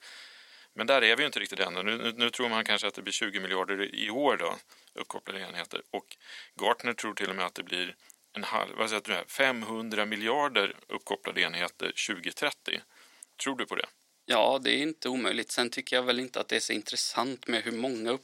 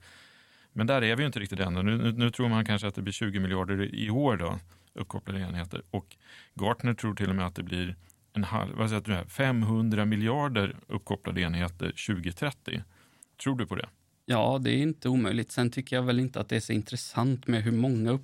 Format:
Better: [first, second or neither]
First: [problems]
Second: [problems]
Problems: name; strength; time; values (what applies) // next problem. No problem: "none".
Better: second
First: thin; somewhat; fading below 350 Hz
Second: none